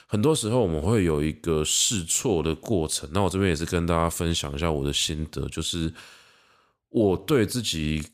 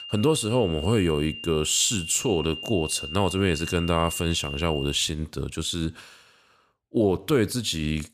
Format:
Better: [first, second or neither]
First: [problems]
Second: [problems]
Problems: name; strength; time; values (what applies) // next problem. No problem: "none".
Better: first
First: none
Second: high-pitched whine; loud; until 5 s; 3 kHz, 9 dB below the speech